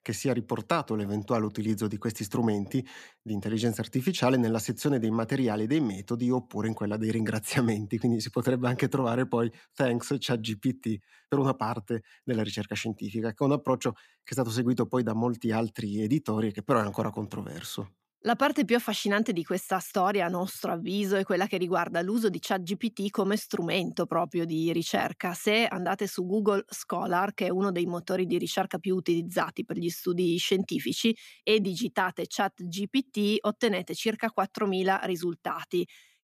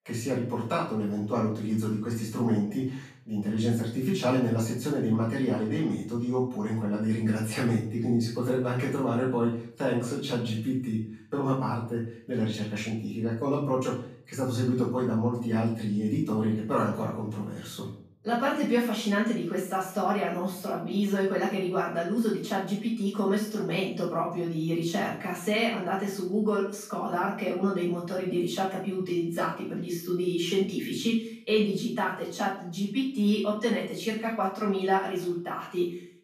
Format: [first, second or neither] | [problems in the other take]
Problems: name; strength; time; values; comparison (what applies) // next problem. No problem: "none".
first | off-mic speech; far // room echo; noticeable; dies away in 0.5 s